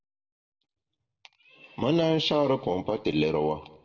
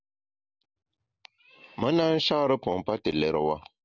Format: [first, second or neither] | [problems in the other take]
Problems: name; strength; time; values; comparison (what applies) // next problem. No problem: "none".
second | room echo; dies away in 1 s